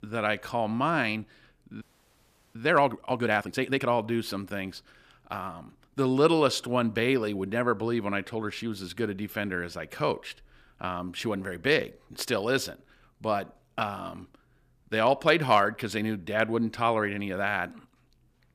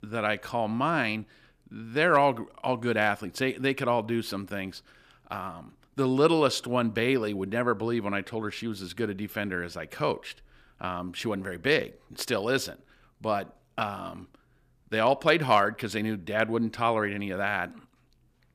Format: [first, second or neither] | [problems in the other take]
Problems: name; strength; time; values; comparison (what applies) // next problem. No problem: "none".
second | audio freezing; at 2 s for 0.5 s